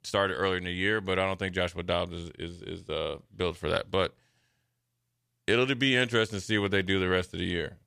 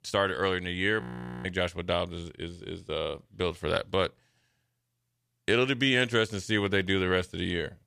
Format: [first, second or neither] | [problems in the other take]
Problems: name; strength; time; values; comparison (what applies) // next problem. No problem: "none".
first | audio freezing; at 1 s